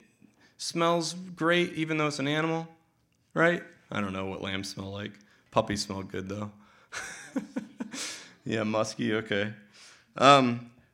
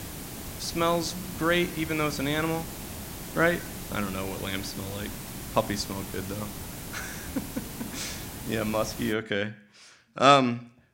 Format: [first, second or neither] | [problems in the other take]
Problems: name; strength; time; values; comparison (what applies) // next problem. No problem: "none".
first | hiss; loud; until 9 s; 9 dB below the speech